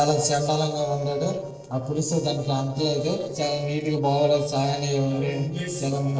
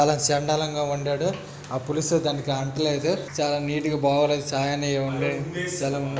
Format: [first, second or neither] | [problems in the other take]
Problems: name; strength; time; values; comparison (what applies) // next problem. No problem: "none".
second | noise reduction (neural separator model SepFormer DNS4)